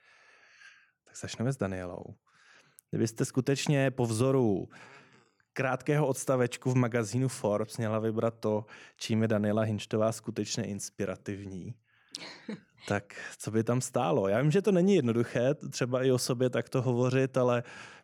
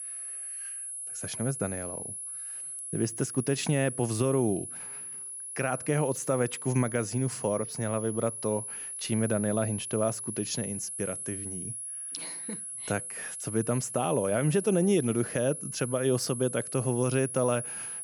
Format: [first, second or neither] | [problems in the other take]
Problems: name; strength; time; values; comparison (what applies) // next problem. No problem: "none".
first | high-pitched whine; loud; throughout; 10.5 kHz, 6 dB below the speech